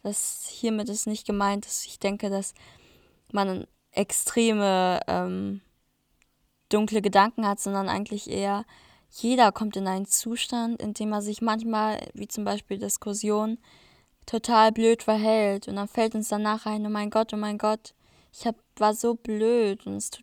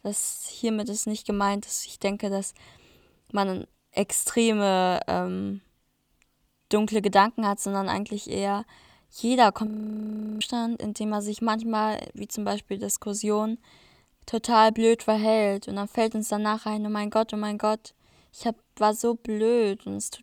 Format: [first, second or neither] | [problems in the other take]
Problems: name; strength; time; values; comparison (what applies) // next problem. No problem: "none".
first | audio freezing; at 9.5 s for 0.5 s